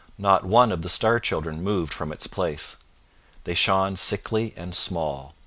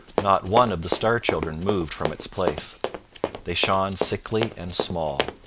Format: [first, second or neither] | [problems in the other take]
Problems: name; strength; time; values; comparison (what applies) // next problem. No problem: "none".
first | background sound (Run); 5 dB below the speech